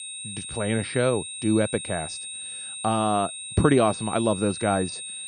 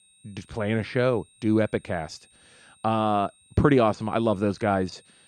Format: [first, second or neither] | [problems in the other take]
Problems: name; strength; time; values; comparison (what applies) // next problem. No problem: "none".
second | high-pitched whine; loud; throughout; 8.5 kHz, 8 dB below the speech; faint in the second